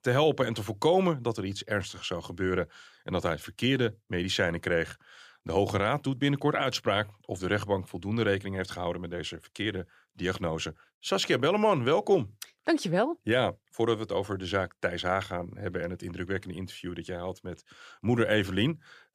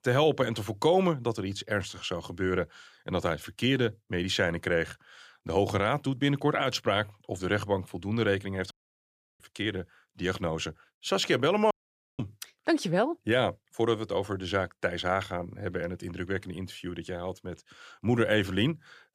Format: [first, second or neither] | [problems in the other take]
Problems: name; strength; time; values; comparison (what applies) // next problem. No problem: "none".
first | audio cutting out; at 8.5 s for 0.5 s and at 12 s